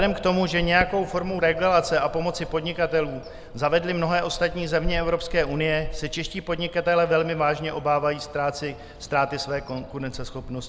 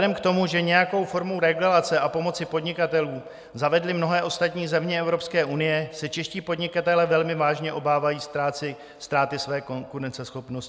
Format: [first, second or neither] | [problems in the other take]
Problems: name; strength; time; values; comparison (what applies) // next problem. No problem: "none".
second | background sound (Bird vocalization, bird call, bird song); 12 dB below the speech